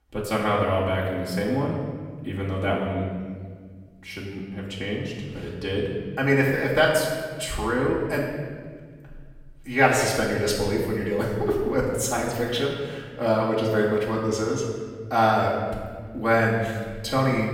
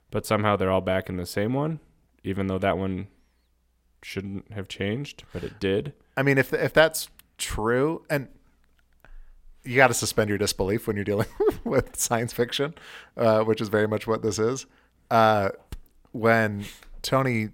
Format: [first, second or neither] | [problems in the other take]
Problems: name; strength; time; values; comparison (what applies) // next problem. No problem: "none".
second | off-mic speech; far // room echo; noticeable; dies away in 1.4 s